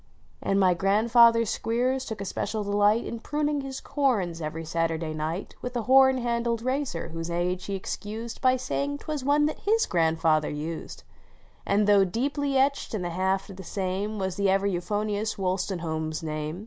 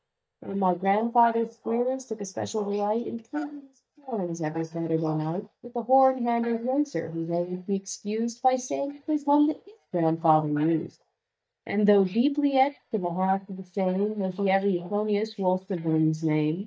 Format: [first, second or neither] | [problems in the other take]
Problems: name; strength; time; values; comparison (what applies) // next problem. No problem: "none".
first | noise reduction (neural mask model DeepFilterNet 3)